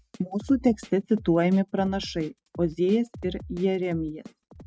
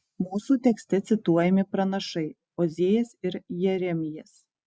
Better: second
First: noise reduction (neural mask model RNNoise)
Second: none

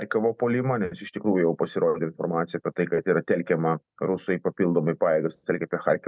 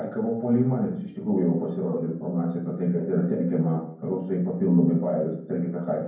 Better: first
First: none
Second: room echo; dies away in 0.9 s

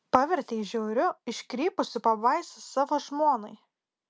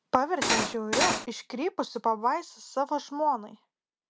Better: first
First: none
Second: background sound (Cutlery, silverware); 4 dB above the speech

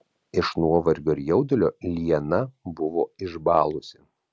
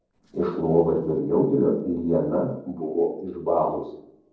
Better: first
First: none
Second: noise reduction (neural separator model SepFormer DNS4)

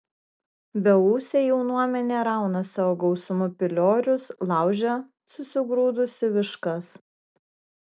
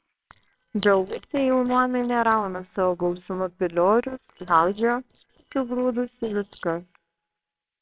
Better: first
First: none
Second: noise reduction (neural separator model SepFormer WHAMR!)

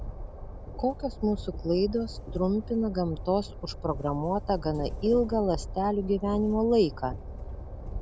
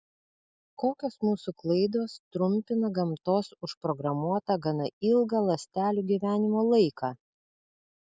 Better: second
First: background sound (Train); 9 dB below the speech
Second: none

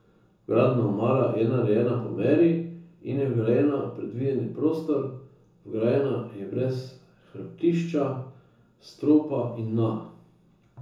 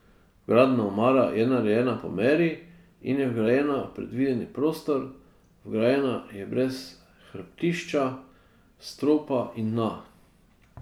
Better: second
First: room echo; dies away in 0.6 s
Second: none

